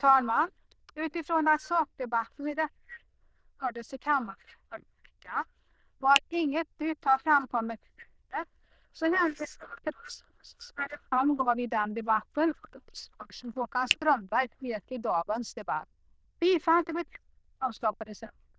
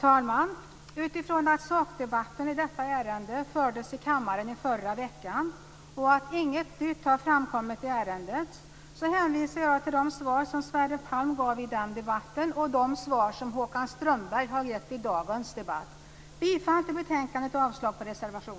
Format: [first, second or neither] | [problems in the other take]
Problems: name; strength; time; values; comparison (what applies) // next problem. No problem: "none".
second | noise reduction (neural diffusion model UNIVERSE++)